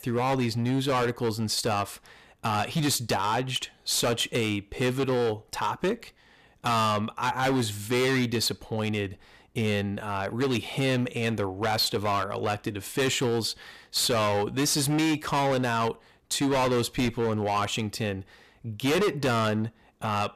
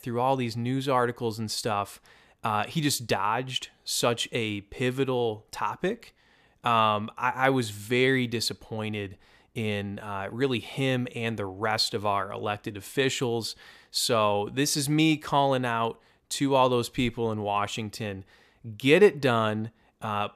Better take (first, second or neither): second